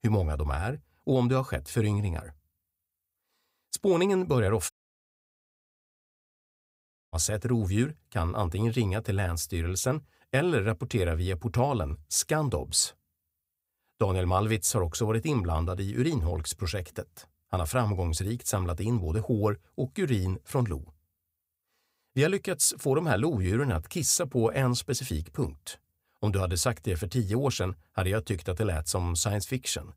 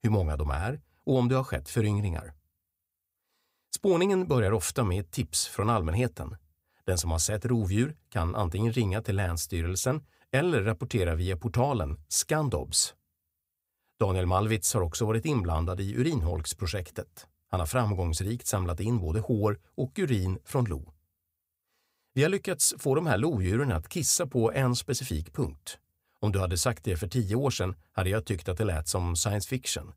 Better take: second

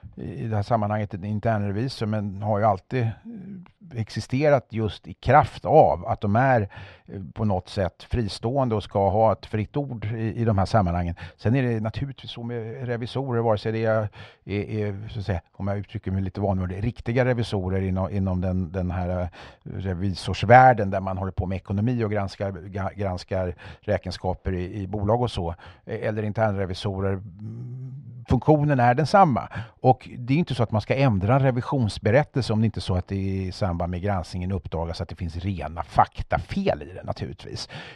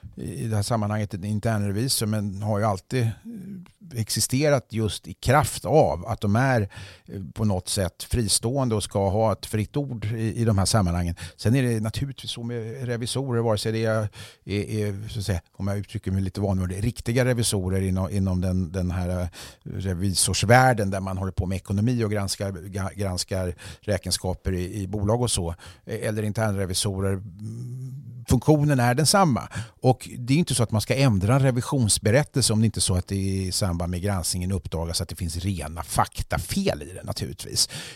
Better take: second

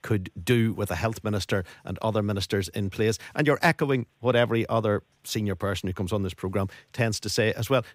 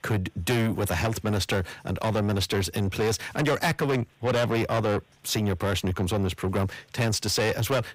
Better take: first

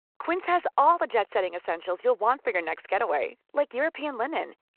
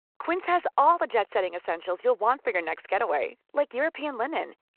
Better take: neither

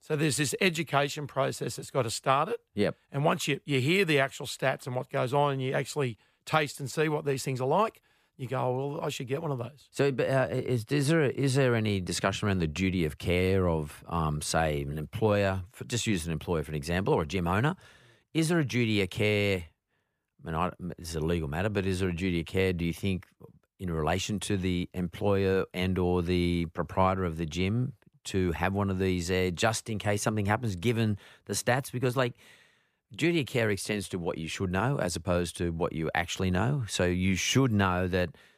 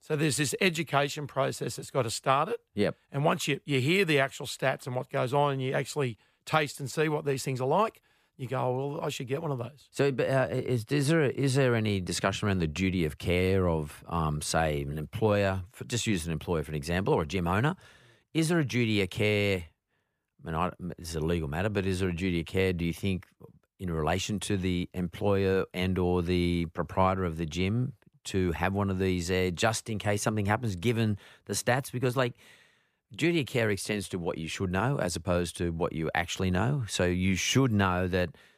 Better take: neither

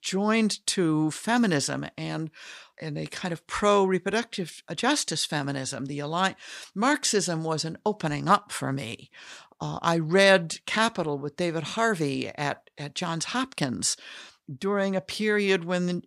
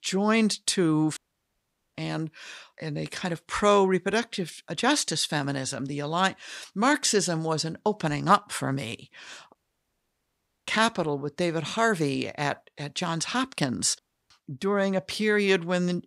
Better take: first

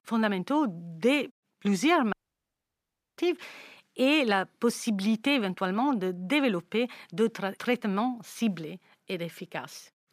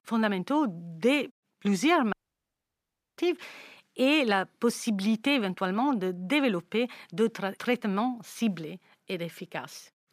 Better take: neither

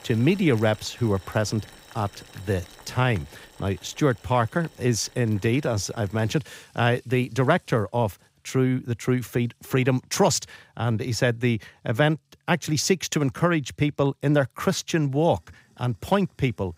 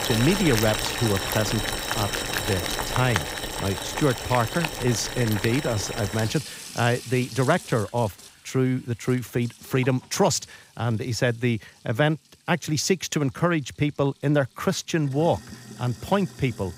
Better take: first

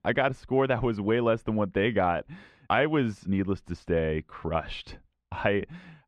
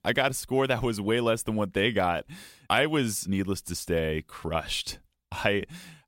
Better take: second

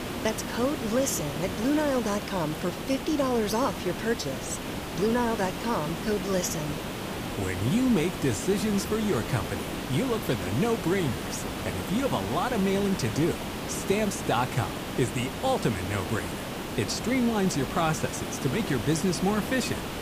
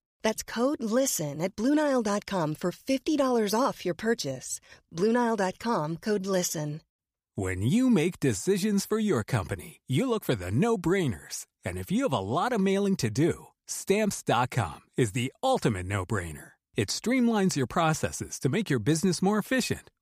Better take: second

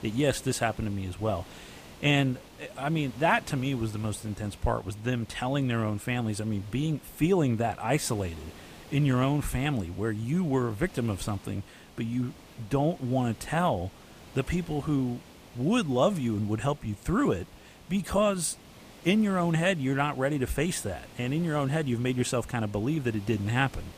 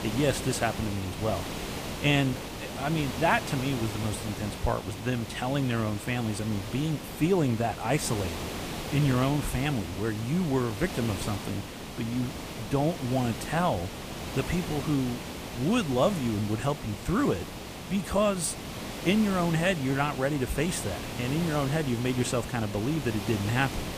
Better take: first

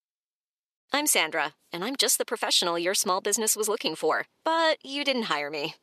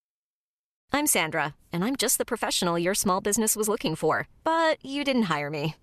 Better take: second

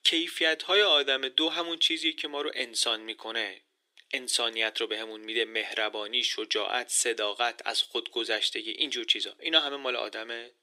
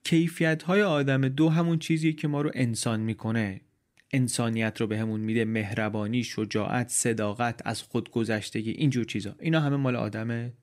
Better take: second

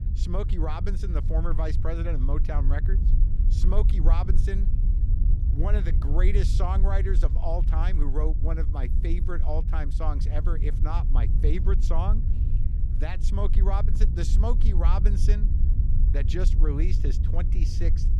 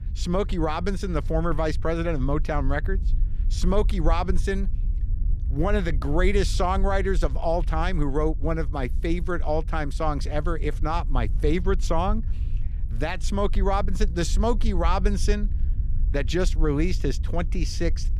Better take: second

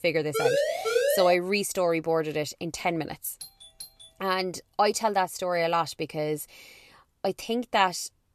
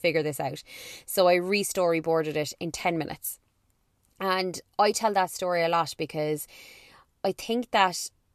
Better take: second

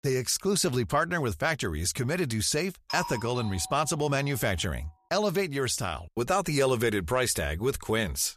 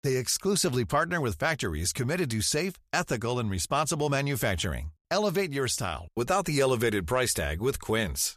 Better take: second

